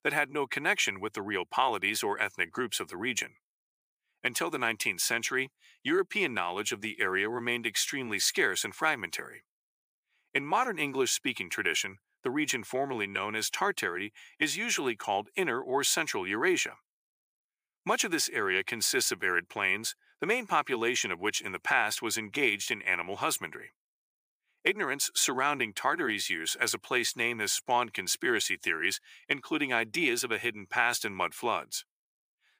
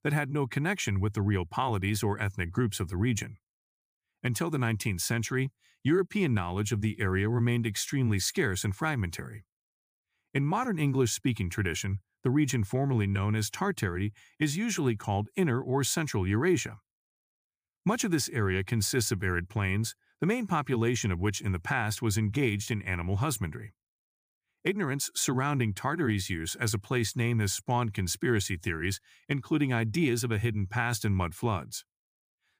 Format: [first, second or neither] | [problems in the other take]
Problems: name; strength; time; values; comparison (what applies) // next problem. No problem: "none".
second | thin; very; fading below 500 Hz